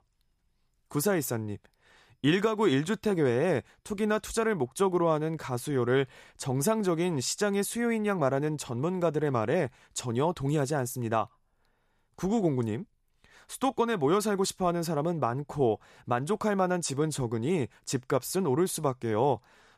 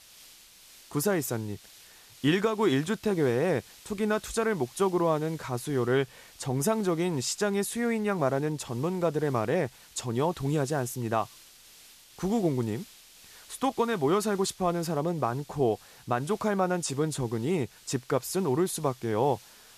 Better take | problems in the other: first | hiss; faint; throughout; 20 dB below the speech

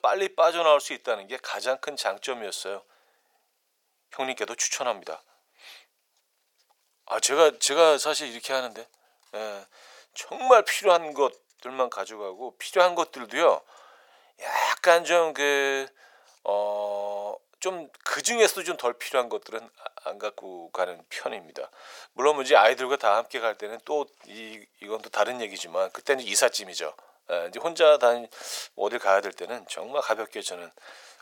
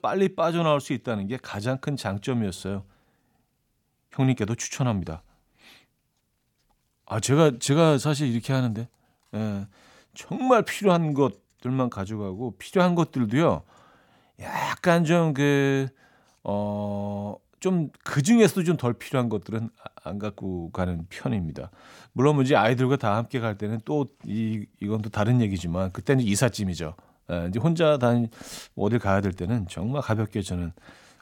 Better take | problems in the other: second | thin; very; fading below 500 Hz

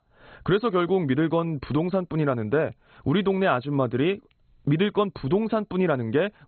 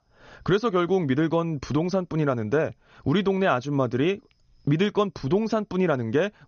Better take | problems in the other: second | garbled, watery; badly; nothing above 3.5 kHz; slightly in the second

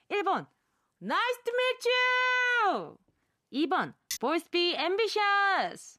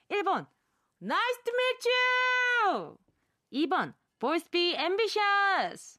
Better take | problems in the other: second | clattering dishes; noticeable; at 4 s; peak 10 dB below the speech

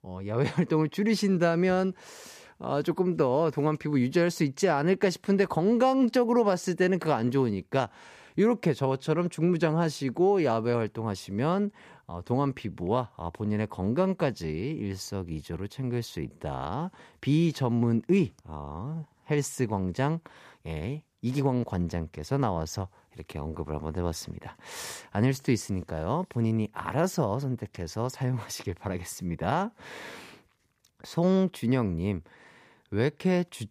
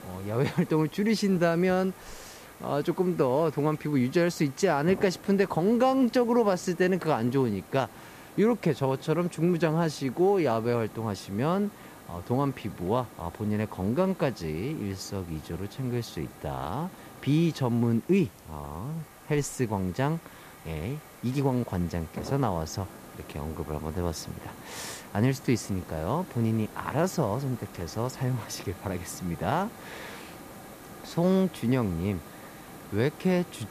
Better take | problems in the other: first | hiss; noticeable; throughout; 20 dB below the speech

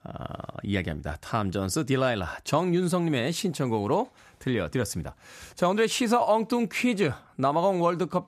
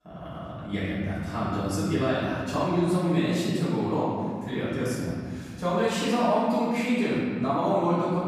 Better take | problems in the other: first | room echo; strong; dies away in 2.1 s // off-mic speech; far

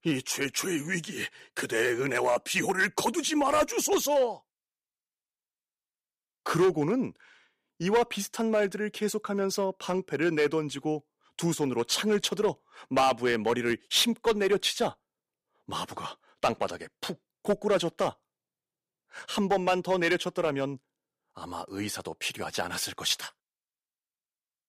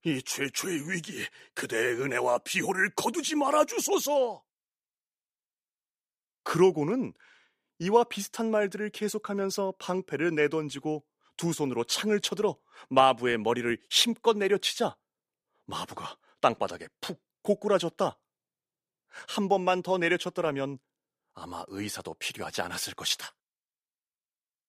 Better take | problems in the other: second | distortion; slight; 2% of the sound clipped

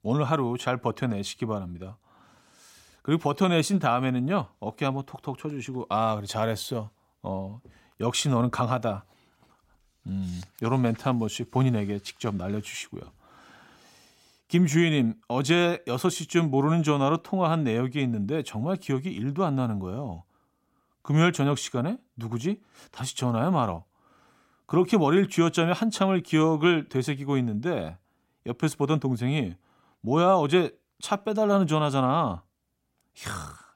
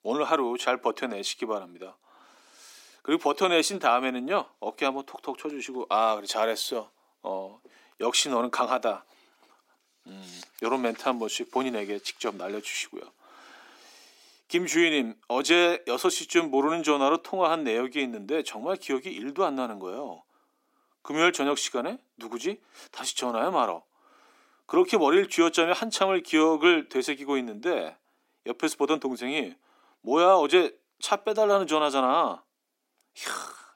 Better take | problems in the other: first | thin; somewhat; fading below 300 Hz

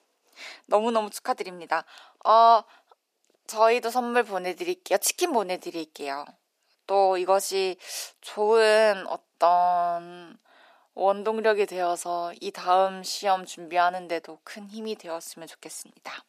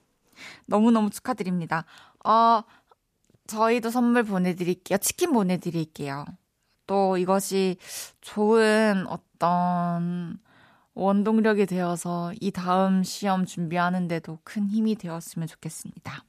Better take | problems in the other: second | thin; very; fading below 350 Hz

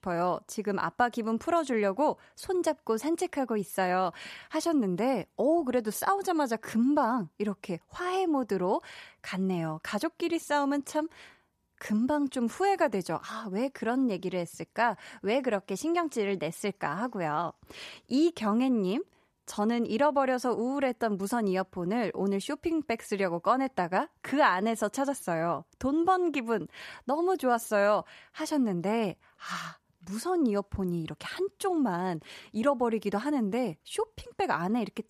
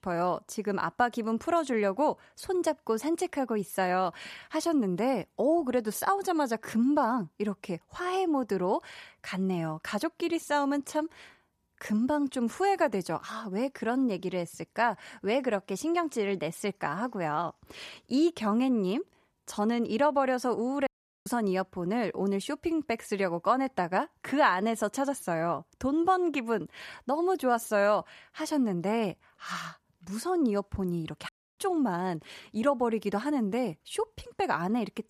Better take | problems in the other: first | audio cutting out; at 21 s and at 31 s

